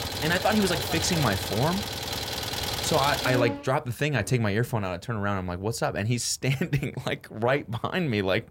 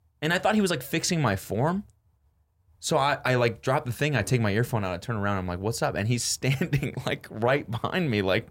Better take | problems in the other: second | traffic noise; loud; until 3.5 s; 3 dB below the speech

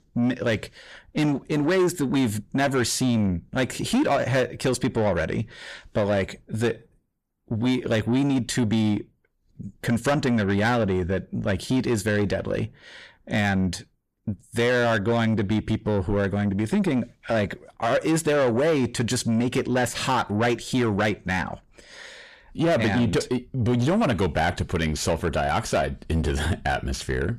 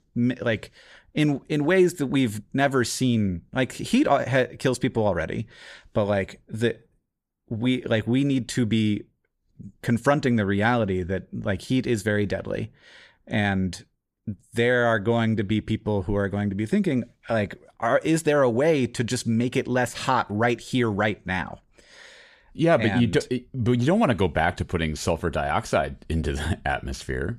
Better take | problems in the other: second | distortion; slight; 10 dB below the speech

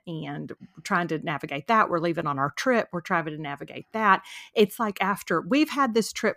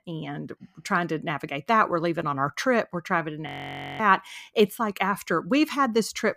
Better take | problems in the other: first | audio freezing; at 3.5 s for 0.5 s

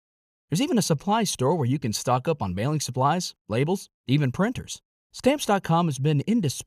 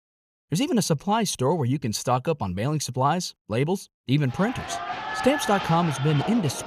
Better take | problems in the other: first | crowd noise; loud; from 4.5 s on; 6 dB below the speech

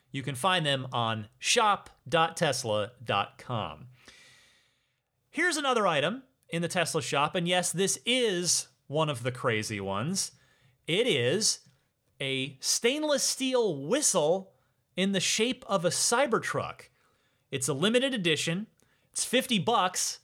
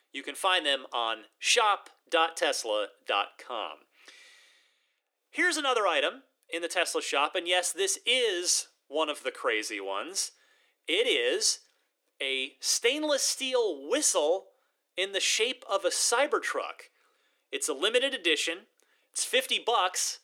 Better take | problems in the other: first | thin; somewhat; fading below 300 Hz

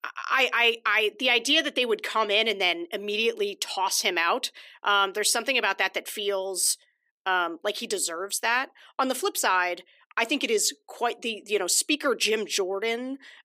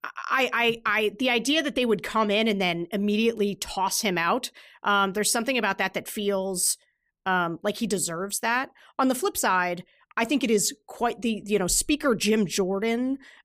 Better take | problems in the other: second | thin; somewhat; fading below 300 Hz

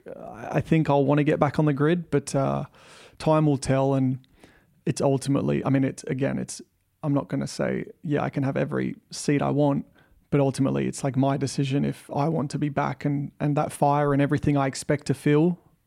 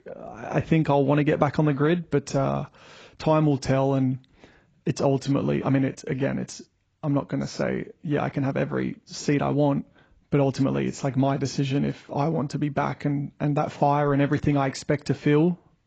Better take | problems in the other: first | garbled, watery; badly; nothing above 8 kHz

